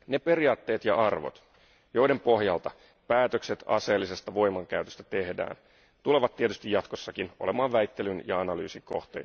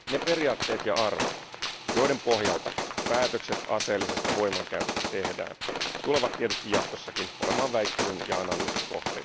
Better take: first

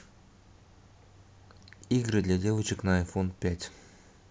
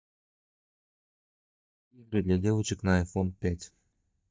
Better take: first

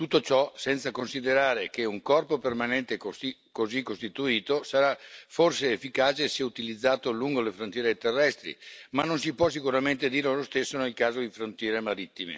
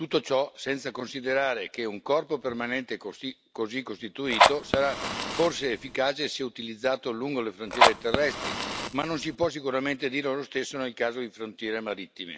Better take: first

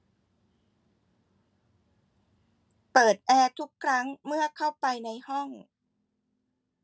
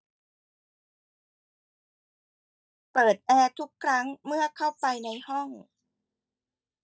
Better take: first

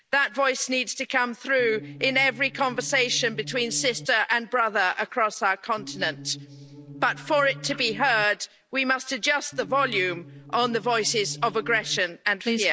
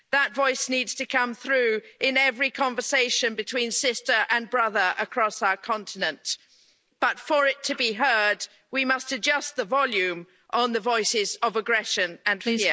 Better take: second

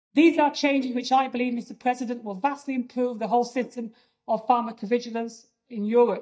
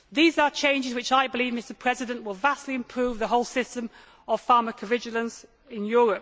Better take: second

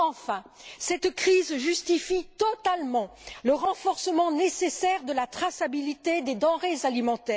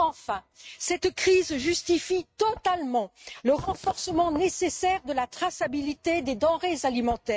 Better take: first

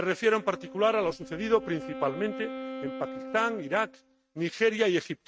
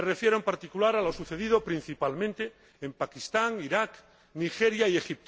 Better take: second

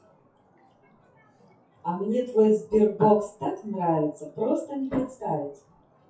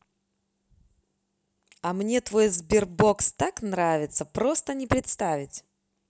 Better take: second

